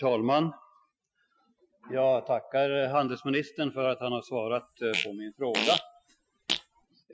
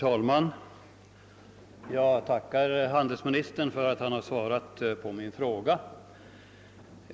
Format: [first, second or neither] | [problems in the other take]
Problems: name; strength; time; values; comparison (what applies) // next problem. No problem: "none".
second | noise reduction (classical method Wiener filter)